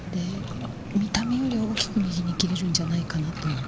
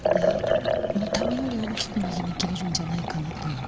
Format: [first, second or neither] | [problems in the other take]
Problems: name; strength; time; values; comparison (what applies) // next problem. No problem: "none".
first | background sound (Liquid); 1 dB above the speech